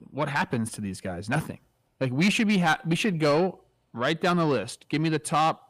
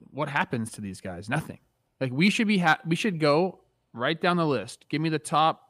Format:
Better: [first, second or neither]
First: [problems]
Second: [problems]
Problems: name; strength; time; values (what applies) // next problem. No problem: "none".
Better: second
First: distortion; slight; 10 dB below the speech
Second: none